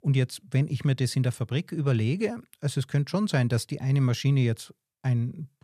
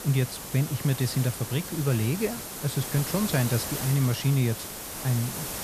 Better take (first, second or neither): first